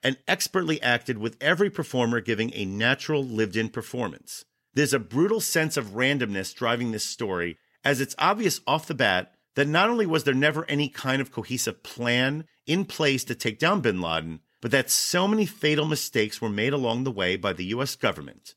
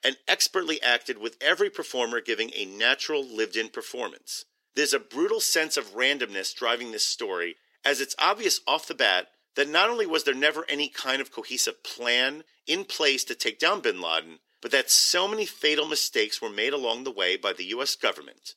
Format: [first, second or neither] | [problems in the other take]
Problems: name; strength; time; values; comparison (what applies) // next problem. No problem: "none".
first | thin; somewhat; fading below 350 Hz